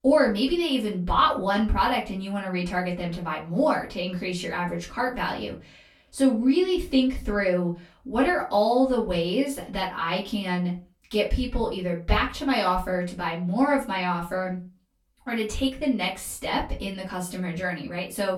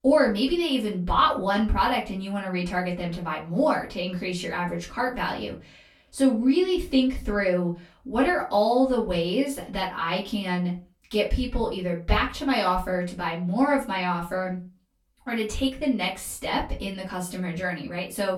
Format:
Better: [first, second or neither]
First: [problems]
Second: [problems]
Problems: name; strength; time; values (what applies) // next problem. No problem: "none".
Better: neither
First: off-mic speech; far // room echo; slight; dies away in 0.2 s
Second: off-mic speech; far // room echo; slight; dies away in 0.2 s